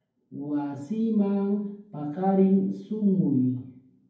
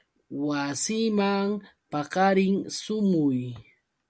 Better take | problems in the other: second | room echo; dies away in 0.9 s

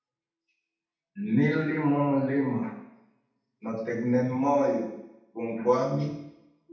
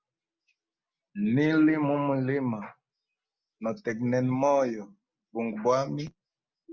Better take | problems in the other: second | room echo; dies away in 0.8 s

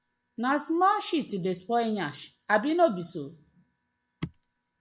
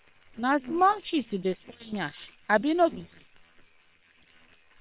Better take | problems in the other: first | noise reduction (neural separator model SepFormer WHAM!)

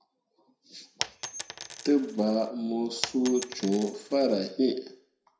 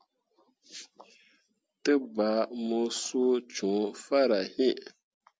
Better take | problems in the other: second | background sound (Coin (dropping)); 10 dB below the speech // room echo; dies away in 0.5 s

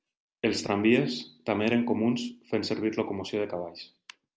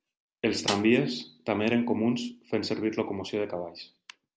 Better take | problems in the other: first | background sound (Snare drum); 9 dB below the speech

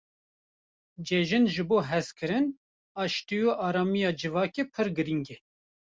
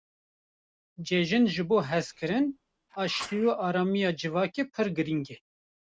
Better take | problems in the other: first | noise reduction (neural mask model RNNoise)

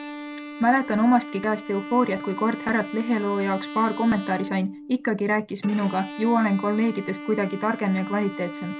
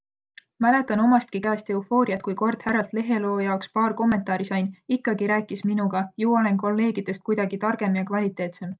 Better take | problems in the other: second | background sound (Bowed string instrument); 12 dB below the speech

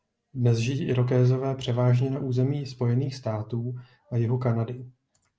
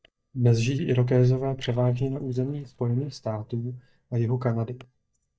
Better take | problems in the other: first | noise reduction (neural mask model DeepFilterNet 3)

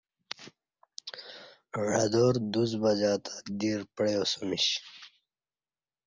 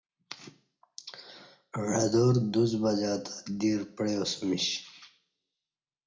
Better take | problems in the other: first | room echo; dies away in 0.4 s

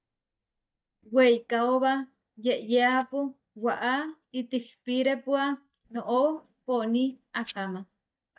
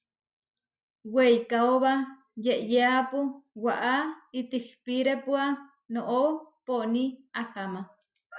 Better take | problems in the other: second | noise reduction (neural mask model DeepFilterNet 3)

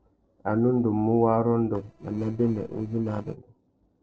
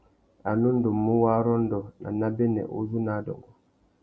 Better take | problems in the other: second | noise reduction (neural separator model SepFormer DNS4)

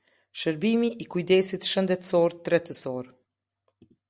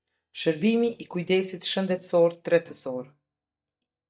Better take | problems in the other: first | noise reduction (neural mask model DeepFilterNet 3)

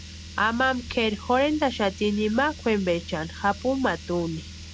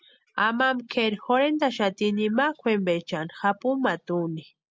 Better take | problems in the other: second | background sound (Car); 15 dB below the speech

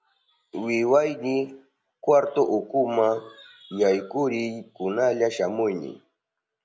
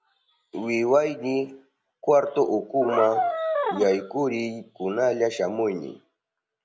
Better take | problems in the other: first | background sound (Brass instrument); 1 dB below the speech

